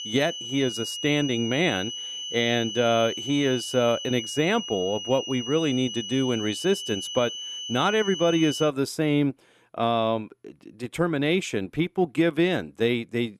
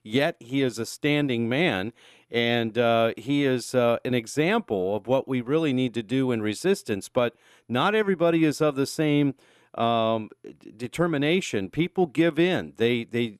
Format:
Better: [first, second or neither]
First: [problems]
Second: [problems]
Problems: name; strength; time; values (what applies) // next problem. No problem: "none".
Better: second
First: high-pitched whine; loud; until 8.5 s; 3 kHz, 7 dB below the speech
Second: none